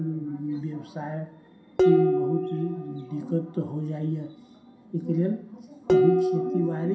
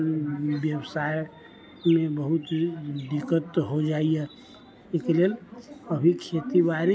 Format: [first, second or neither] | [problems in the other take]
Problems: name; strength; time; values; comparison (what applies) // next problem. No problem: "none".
second | background sound (Dishes, pots, and pans); 1 dB above the speech // room echo; dies away in 0.5 s